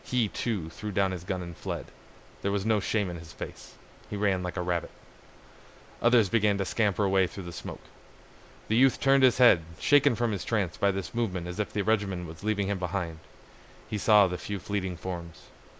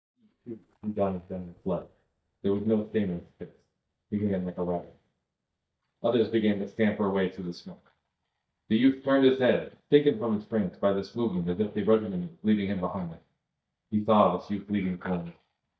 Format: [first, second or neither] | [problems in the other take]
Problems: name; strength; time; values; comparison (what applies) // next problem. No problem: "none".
first | noise reduction (neural mask model DeepFilterNet 3)